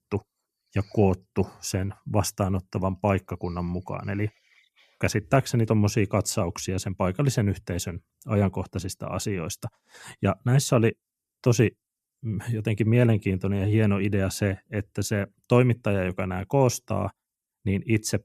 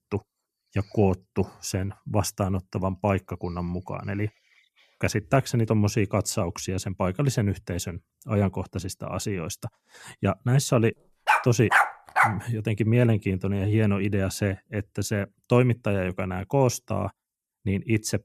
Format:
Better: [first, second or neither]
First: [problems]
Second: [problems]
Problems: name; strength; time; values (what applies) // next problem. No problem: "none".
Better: first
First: none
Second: dog barking; loud; from 11 to 12 s; peak 5 dB above the speech